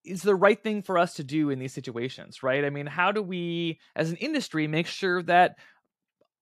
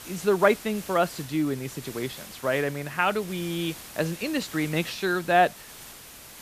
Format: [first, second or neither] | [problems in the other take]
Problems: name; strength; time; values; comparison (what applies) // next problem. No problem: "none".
first | hiss; noticeable; throughout; 15 dB below the speech